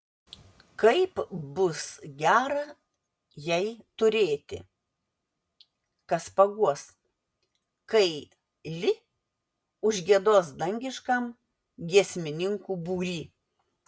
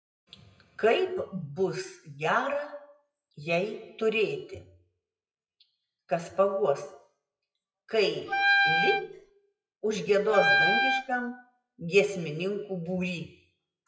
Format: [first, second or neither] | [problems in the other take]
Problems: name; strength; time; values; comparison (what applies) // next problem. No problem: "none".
first | noise reduction (classical method WPE with log-MMSE)